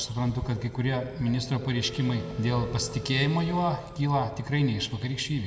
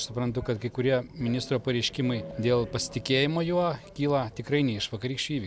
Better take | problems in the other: second | background sound (Telephone); 14 dB below the speech // room echo; dies away in 1.4 s

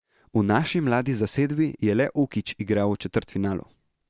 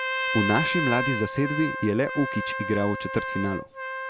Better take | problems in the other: first | background sound (Trumpet); 3 dB below the speech

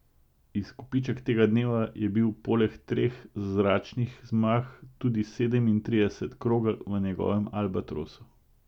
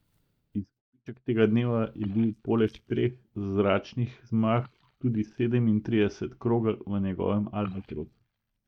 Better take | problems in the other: first | noise reduction (neural mask model DeepFilterNet 3)

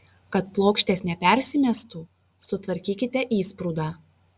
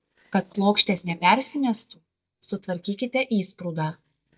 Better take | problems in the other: first | noise reduction (neural mask model DeepFilterNet 3)

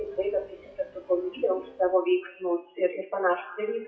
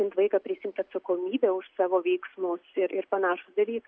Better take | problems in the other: second | noise reduction (classical method WPE with log-MMSE)

